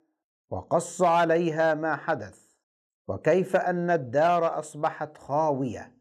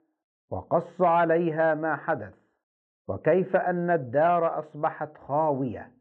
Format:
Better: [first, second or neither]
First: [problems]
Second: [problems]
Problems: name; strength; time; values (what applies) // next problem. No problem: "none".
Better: first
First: none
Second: muffled; very; fading above 2 kHz